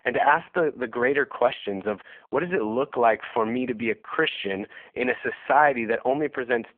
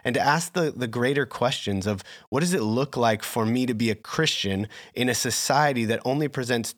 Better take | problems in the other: second | phone-call audio; poor line

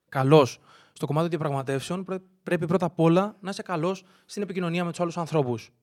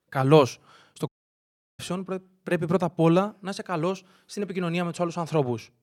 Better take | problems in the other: first | audio cutting out; at 1 s for 0.5 s

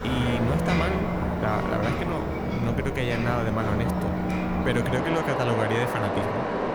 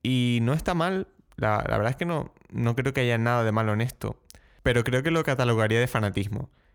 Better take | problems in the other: second | rain or running water; very loud; throughout; 1 dB above the speech

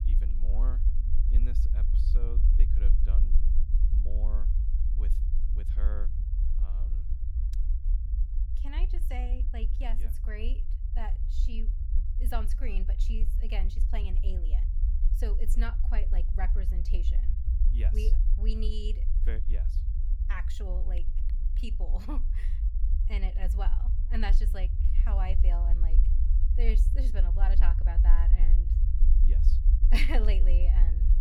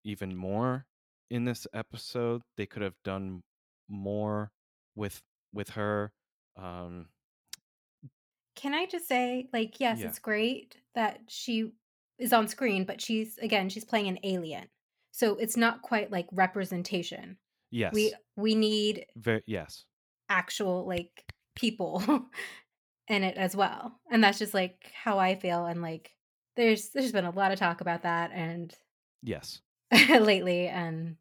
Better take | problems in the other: second | low rumble; loud; throughout; 8 dB below the speech

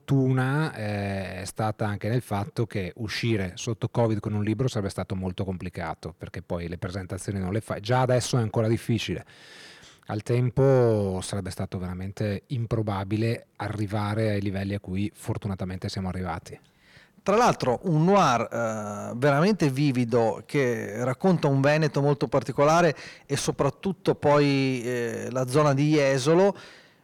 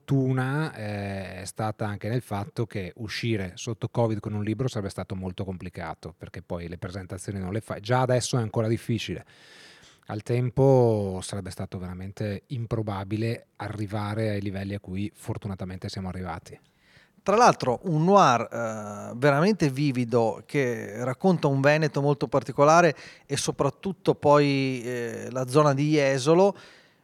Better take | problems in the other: second | distortion; slight; 10 dB below the speech

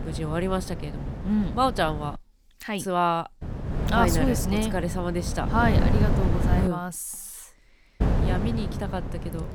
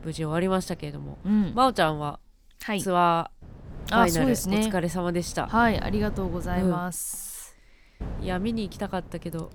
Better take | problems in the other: second | wind noise on the microphone; heavy; until 2 s, from 3.5 to 6.5 s and from 8 s on; 8 dB below the speech; occasional gusts in the second

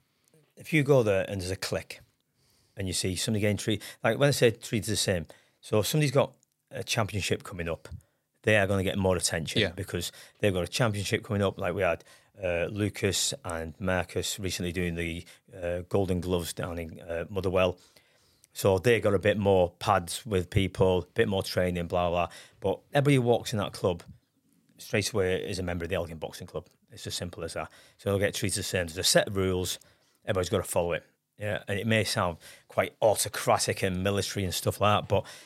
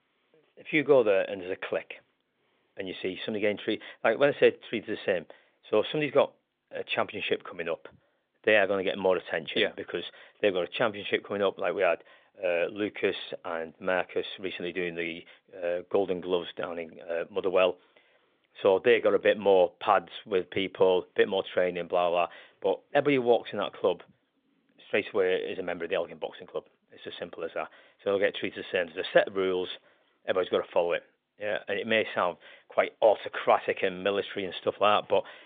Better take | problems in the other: first | phone-call audio; nothing above 3.5 kHz

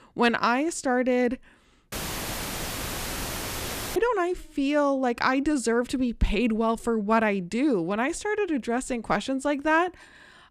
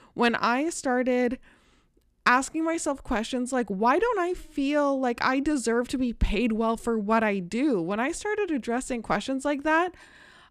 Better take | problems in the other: second | audio cutting out; filled with static; at 2 s for 2 s

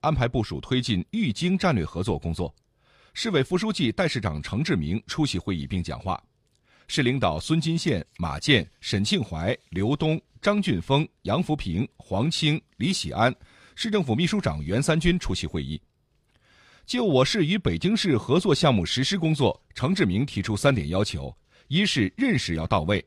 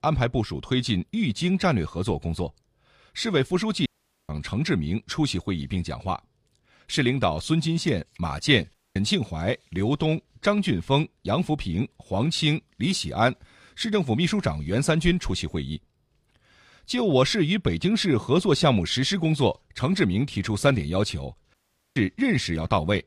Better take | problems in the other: first | audio cutting out; at 4 s, at 8.5 s and at 22 s

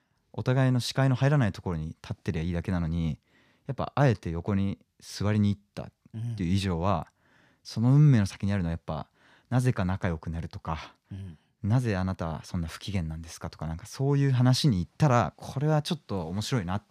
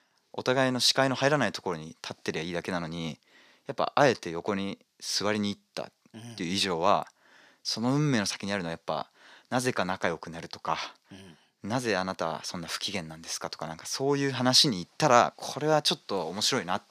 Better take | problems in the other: first | thin; somewhat; fading below 350 Hz

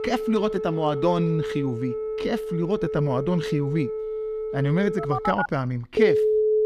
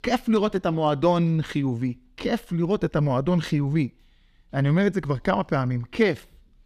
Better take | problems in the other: second | alarms or sirens; loud; throughout; 2 dB below the speech

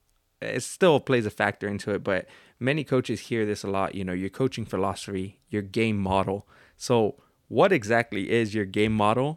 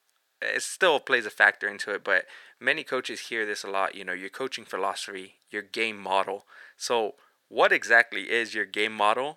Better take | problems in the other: first | thin; very; fading below 550 Hz

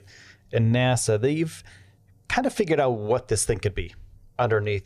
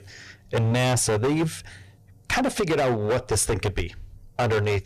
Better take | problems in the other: first | distortion; heavy; 20% of the sound clipped

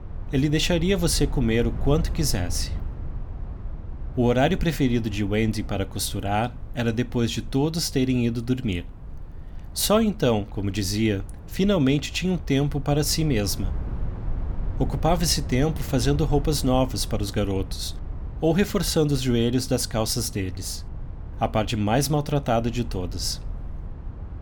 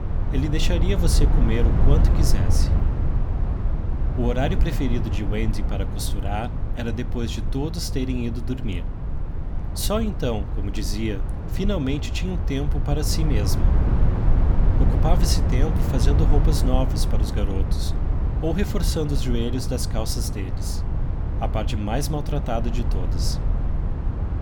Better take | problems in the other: first | low rumble; loud; throughout; 6 dB below the speech; faint in the first

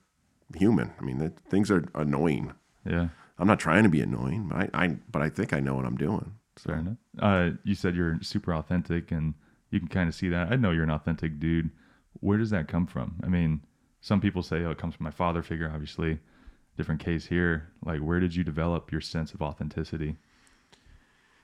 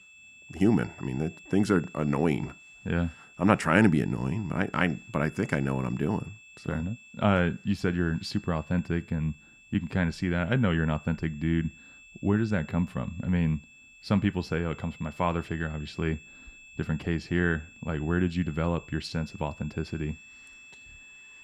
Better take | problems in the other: first | high-pitched whine; faint; throughout; 2.5 kHz, 20 dB below the speech

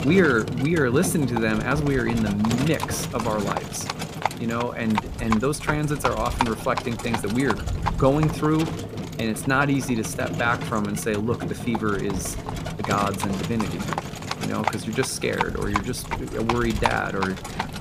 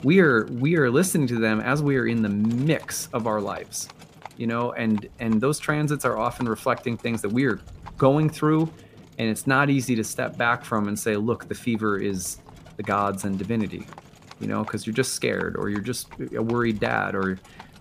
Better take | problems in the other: second | animal sounds; loud; throughout; 5 dB below the speech; faint in the second

